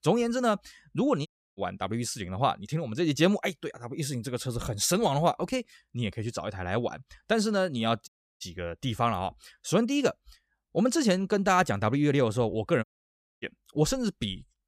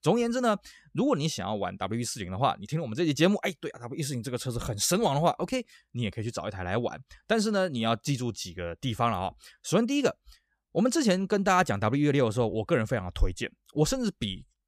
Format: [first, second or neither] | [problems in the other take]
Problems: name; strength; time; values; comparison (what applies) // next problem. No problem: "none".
second | audio cutting out; at 1.5 s, at 8 s and at 13 s for 0.5 s